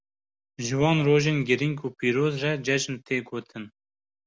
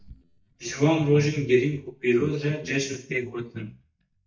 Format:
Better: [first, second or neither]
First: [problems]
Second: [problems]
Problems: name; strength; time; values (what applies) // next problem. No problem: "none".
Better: first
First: none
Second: noise reduction (neural mask model DeepFilterNet 3)